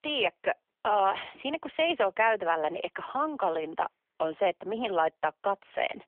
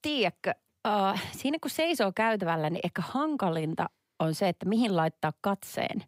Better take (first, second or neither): second